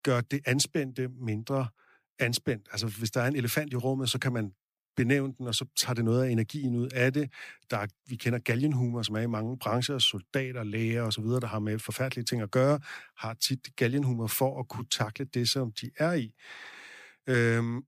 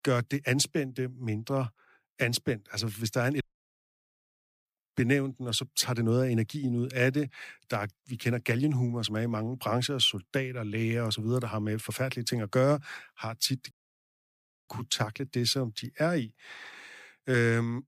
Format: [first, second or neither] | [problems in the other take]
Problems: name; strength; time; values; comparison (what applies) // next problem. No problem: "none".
first | audio cutting out; at 3.5 s for 1 s and at 14 s for 1 s